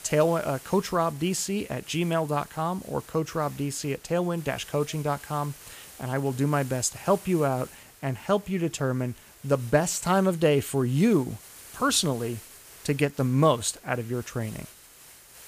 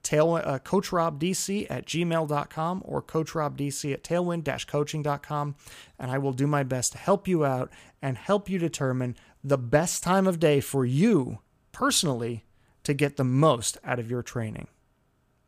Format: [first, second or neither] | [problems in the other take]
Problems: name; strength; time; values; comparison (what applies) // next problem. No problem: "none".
second | hiss; noticeable; throughout; 20 dB below the speech